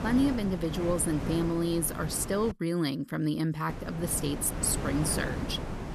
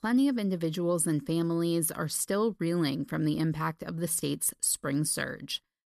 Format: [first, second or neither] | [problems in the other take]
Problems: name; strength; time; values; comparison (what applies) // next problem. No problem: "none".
second | wind noise on the microphone; heavy; until 2.5 s and from 3.5 s on; 7 dB below the speech